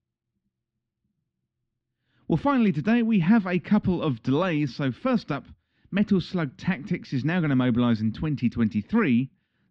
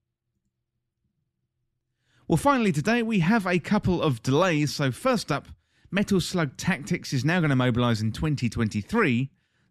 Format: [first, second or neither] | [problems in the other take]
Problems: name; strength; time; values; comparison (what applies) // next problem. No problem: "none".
second | muffled; very slightly; fading above 4 kHz